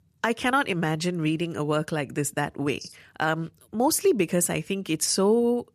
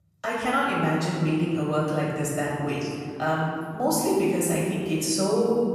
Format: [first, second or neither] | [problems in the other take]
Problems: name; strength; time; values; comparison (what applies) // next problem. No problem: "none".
first | room echo; strong; dies away in 1.9 s // off-mic speech; far